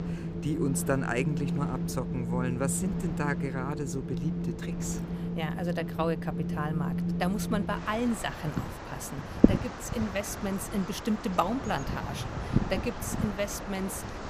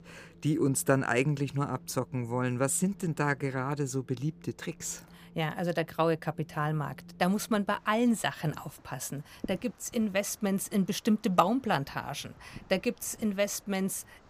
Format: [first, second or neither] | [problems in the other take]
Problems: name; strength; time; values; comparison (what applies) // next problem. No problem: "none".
second | wind in the background; loud; throughout; as loud as the speech; faint in the second